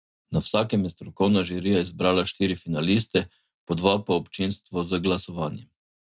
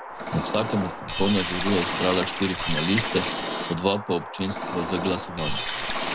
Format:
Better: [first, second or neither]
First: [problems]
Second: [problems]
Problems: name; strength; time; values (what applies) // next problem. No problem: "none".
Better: first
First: none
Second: background sound (Liquid); 2 dB below the speech